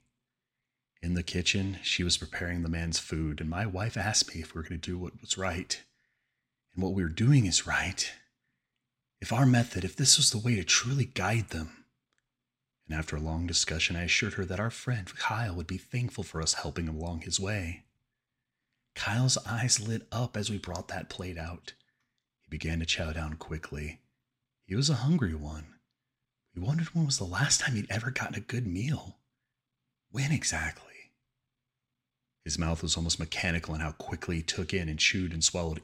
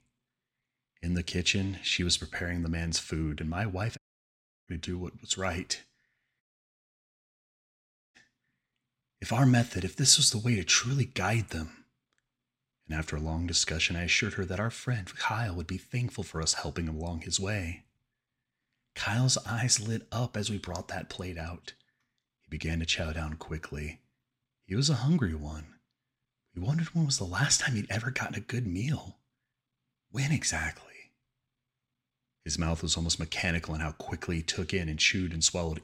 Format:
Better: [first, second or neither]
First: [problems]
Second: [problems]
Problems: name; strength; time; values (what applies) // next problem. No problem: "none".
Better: first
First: none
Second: audio cutting out; at 4 s for 0.5 s and at 6.5 s for 1.5 s